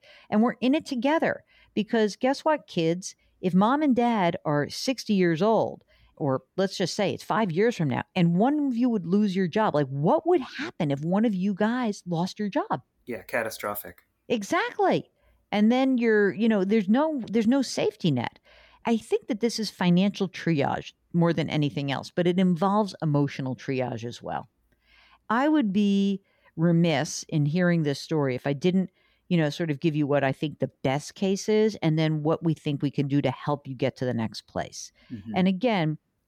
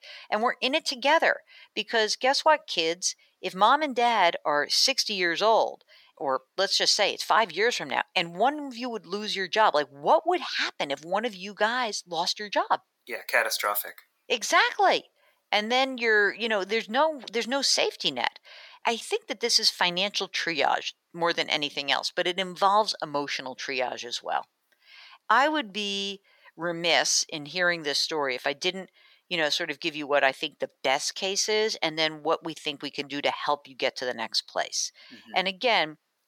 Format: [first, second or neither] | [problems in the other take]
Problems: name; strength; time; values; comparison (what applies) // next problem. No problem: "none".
first | thin; very; fading below 750 Hz